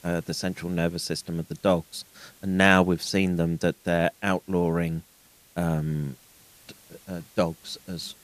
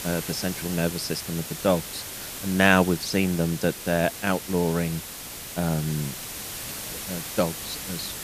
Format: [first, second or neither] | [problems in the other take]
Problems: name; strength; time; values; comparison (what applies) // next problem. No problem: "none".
first | hiss; loud; throughout; 8 dB below the speech; faint in the first